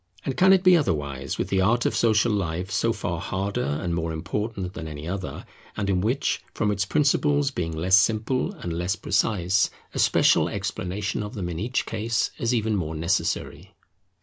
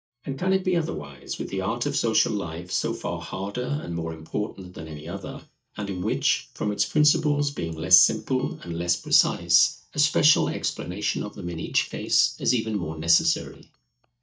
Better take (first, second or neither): first